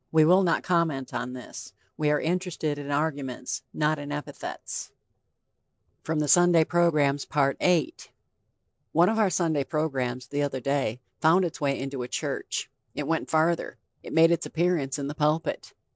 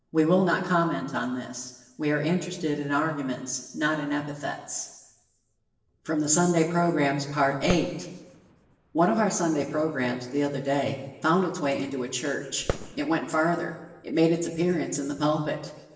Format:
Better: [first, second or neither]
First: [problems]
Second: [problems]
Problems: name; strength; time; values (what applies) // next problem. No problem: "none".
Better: first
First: none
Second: background sound (Fireworks); 12 dB below the speech // room echo; dies away in 1.1 s